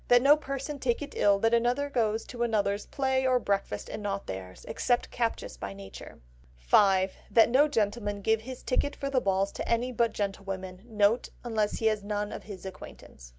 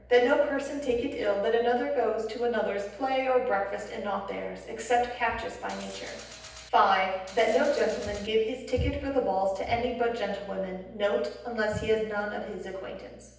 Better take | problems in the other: first | background sound (Mechanisms); 17 dB below the speech // room echo; dies away in 0.9 s

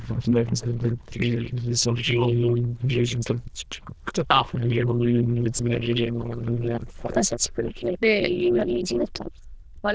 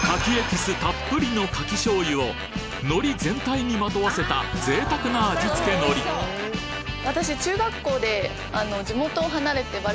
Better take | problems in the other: second | noise reduction (neural diffusion model UNIVERSE++)

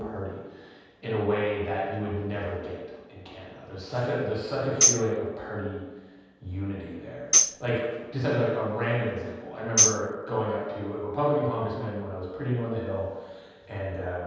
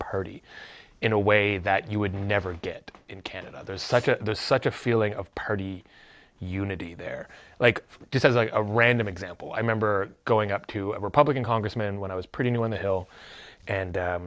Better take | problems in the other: second | background sound (Tambourine); 3 dB above the speech // room echo; dies away in 1.2 s

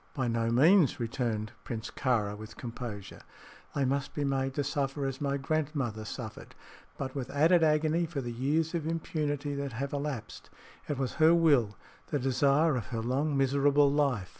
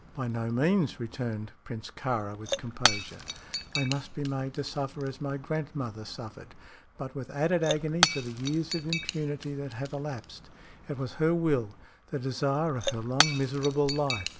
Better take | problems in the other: first | background sound (Shatter / Crushing); 5 dB below the speech

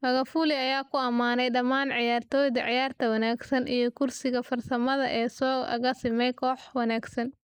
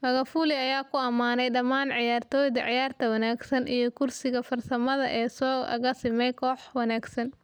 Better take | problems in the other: second | noise reduction (neural mask model Resemble Enhance denoiser)

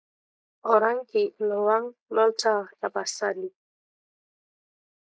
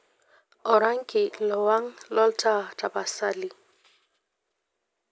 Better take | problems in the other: second | noise reduction (neural mask model Resemble Enhance denoiser)

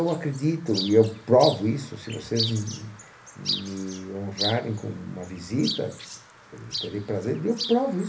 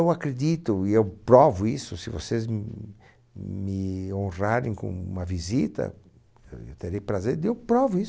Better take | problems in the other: second | background sound (Chirp, tweet); 10 dB below the speech // room echo; dies away in 0.3 s

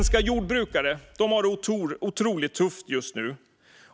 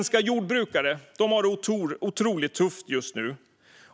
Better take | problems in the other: second | background sound (Bass drum); 9 dB below the speech

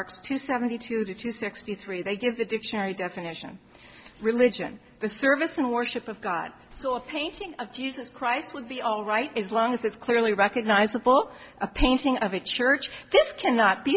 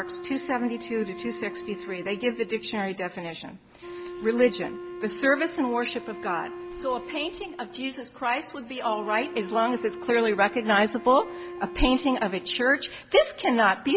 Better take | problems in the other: first | background sound (Wind instrument, woodwind instrument); 13 dB below the speech

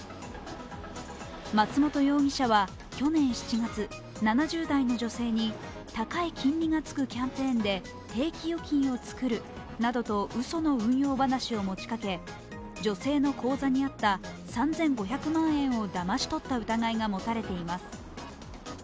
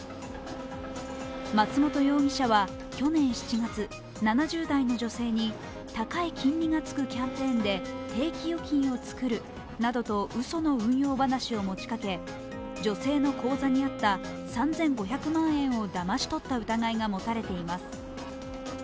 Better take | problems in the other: first | background sound (Wind instrument, woodwind instrument); 13 dB below the speech

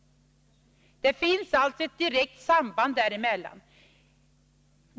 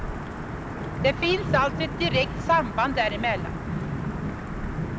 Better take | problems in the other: first | background sound (Thunder / Wind / Rain); 3 dB below the speech

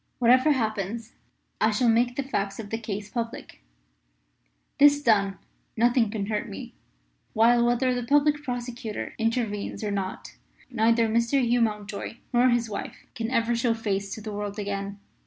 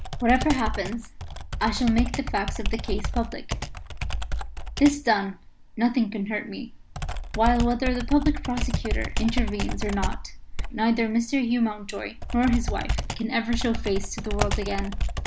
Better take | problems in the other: first | background sound (Computer keyboard); 2 dB below the speech

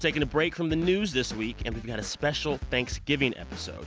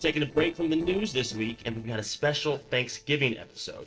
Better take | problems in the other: first | noise reduction (neural separator model SepFormer DNS4)

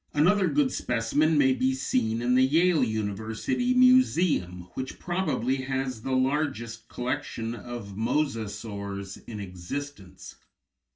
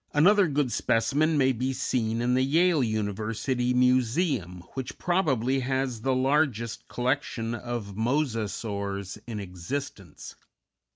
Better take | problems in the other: second | room echo; dies away in 0.2 s

